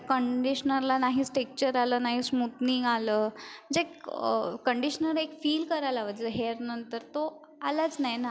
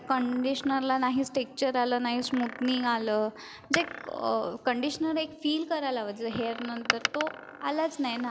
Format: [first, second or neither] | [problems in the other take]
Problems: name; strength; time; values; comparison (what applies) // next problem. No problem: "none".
first | background sound (Door); 11 dB below the speech